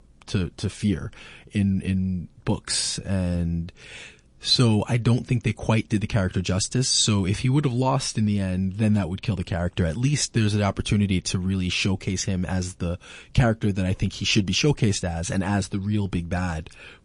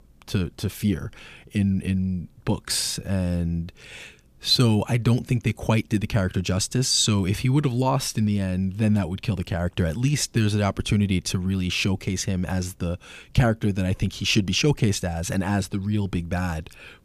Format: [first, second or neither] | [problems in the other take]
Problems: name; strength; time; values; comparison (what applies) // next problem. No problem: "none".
second | garbled, watery; slightly; nothing above 9 kHz